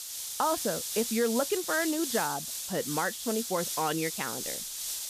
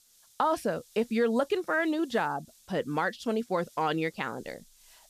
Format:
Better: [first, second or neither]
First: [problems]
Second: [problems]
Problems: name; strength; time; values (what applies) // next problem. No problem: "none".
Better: second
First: hiss; loud; throughout; 2 dB below the speech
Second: hiss; faint; throughout; 25 dB below the speech